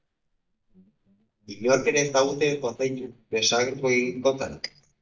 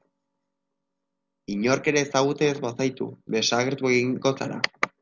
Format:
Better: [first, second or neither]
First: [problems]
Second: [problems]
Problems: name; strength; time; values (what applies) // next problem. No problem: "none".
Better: second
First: noise reduction (neural mask model DeepFilterNet 3)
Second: none